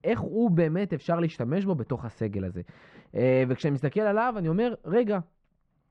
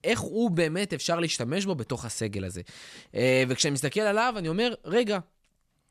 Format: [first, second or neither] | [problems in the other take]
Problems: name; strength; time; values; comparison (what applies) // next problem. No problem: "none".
second | muffled; very; fading above 1.5 kHz